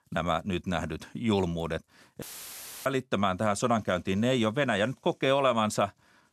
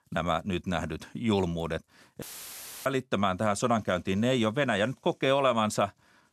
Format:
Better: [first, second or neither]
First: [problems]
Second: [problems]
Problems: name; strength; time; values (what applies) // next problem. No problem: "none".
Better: neither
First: audio cutting out; filled with static; at 2 s for 0.5 s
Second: audio cutting out; filled with static; at 2 s for 0.5 s